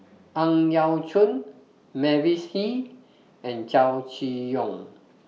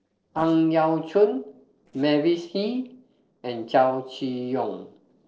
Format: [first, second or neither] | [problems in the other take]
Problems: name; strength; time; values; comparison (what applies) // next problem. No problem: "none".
first | noise reduction (neural separator model SepFormer DNS4)